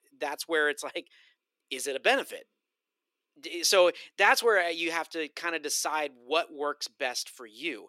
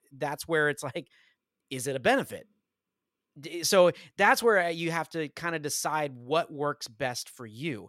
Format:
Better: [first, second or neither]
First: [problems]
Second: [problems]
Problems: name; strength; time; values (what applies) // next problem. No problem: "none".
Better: second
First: thin; somewhat; fading below 350 Hz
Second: none